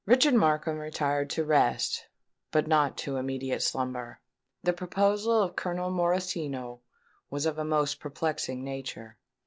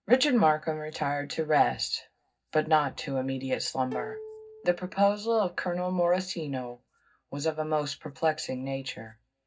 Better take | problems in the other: first | background sound (Plucked string instrument); 15 dB below the speech // room echo; dies away in 0.4 s

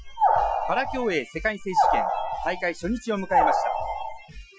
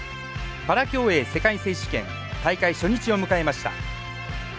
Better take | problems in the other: second | noise reduction (classical method Wiener filter)

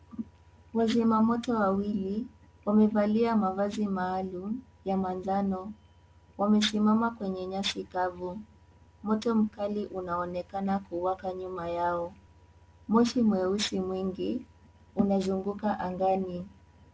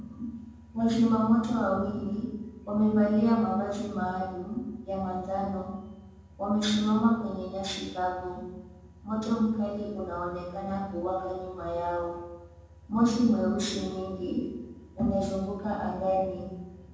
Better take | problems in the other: first | room echo; dies away in 1.2 s

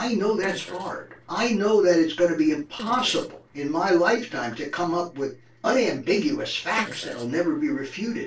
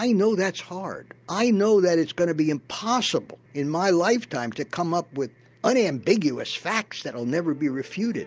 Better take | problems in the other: second | noise reduction (neural separator model SepFormer DNS4)

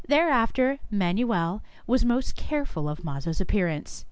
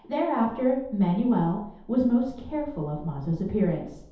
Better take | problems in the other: first | room echo; dies away in 0.8 s

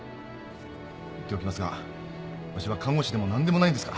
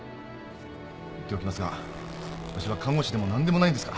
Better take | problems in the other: first | background sound (Zipper (clothing)); 16 dB below the speech

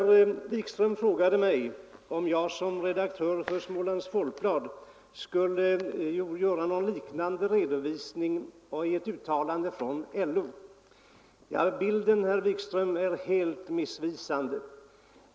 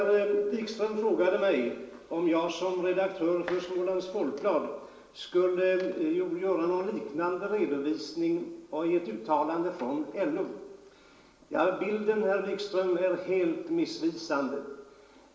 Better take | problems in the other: first | room echo; dies away in 1 s

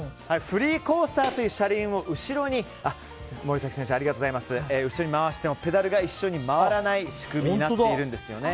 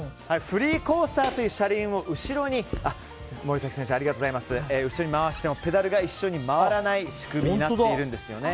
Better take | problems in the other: first | background sound (Squeak / Writing); 17 dB below the speech

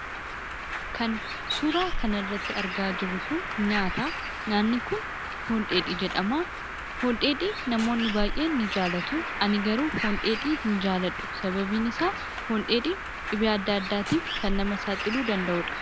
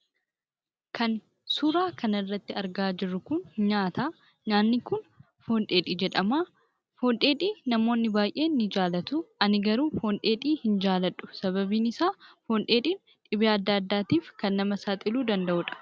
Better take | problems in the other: second | background sound (Bird); 4 dB below the speech

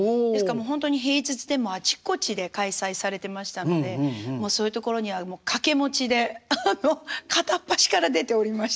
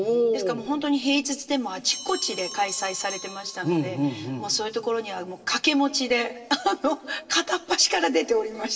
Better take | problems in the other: first | background sound (Bell); 19 dB below the speech // room echo; dies away in 2.8 s

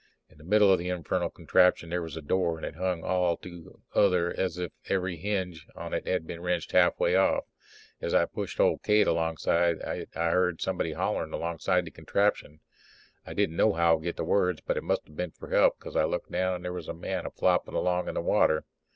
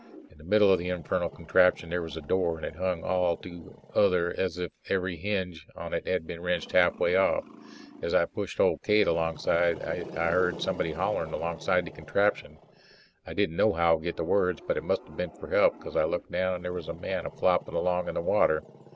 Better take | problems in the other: first | background sound (Growling); 19 dB below the speech

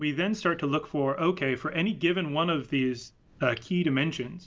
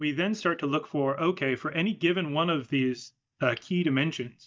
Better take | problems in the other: first | noise reduction (neural mask model DeepFilterNet 3)

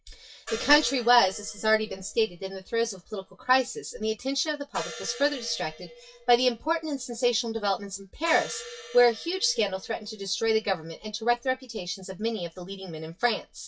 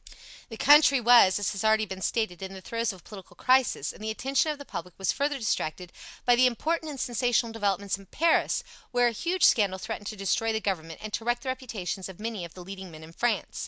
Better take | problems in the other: second | noise reduction (classical method WPE with log-MMSE)

